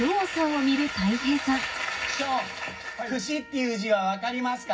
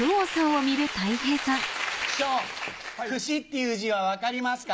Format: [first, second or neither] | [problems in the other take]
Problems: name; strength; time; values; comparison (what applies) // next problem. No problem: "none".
second | background sound (Trumpet); 19 dB below the speech // room echo; dies away in 0.4 s